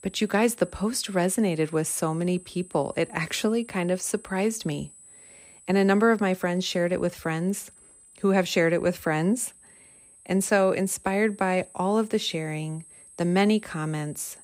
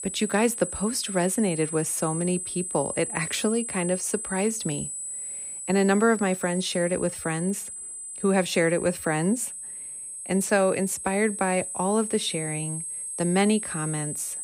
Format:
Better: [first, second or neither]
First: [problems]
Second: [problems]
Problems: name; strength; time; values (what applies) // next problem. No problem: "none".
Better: first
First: high-pitched whine; faint; throughout; 8 kHz, 25 dB below the speech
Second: high-pitched whine; loud; throughout; 8 kHz, 6 dB below the speech